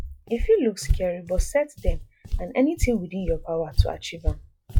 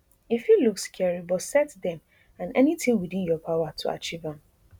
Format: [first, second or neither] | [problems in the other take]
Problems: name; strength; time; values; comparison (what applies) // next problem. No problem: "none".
second | noise reduction (classical method log-MMSE)